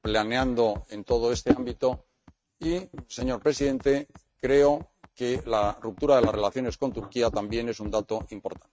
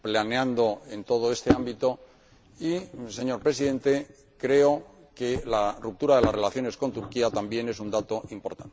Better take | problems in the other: second | noise reduction (neural mask model RNNoise)

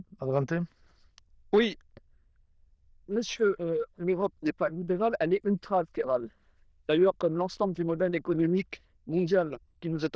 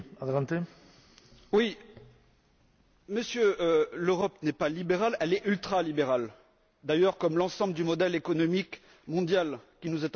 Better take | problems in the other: second | noise reduction (neural diffusion model UNIVERSE++)

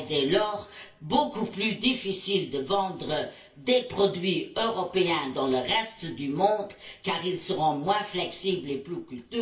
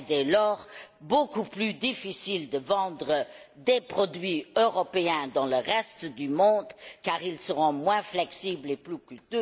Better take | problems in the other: second | room echo; dies away in 0.3 s

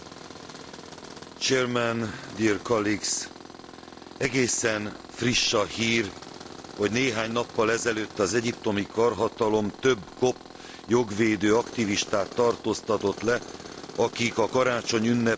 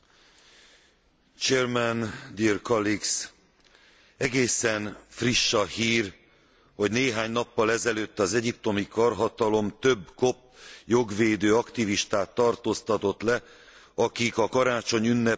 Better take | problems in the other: second | background sound (Tools); 16 dB below the speech

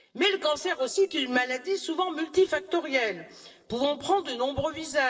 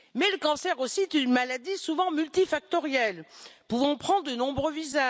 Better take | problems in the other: second | noise reduction (neural separator model SepFormer DNS4)

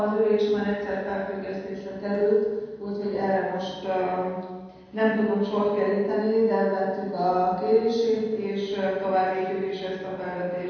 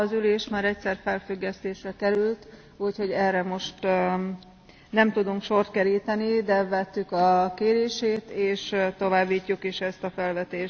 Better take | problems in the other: second | room echo; dies away in 1.2 s

